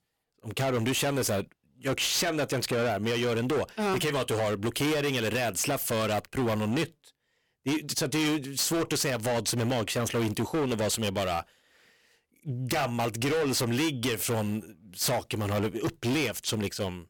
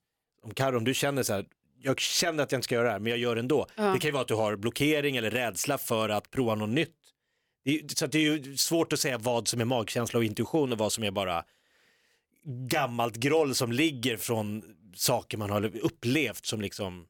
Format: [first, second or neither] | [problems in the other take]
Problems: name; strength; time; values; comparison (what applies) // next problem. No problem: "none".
second | distortion; heavy; 20% of the sound clipped